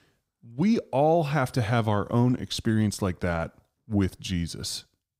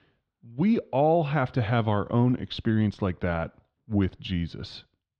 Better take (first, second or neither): first